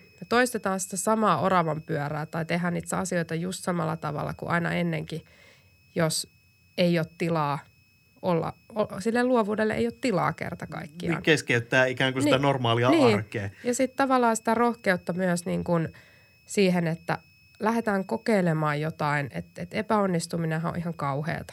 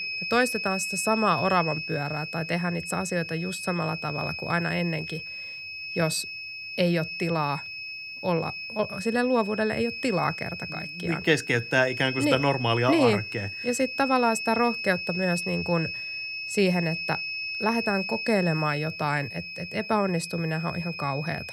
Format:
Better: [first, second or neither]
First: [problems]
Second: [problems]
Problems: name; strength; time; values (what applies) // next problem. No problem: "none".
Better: first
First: high-pitched whine; faint; throughout; 2.5 kHz, 35 dB below the speech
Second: high-pitched whine; loud; throughout; 2.5 kHz, 6 dB below the speech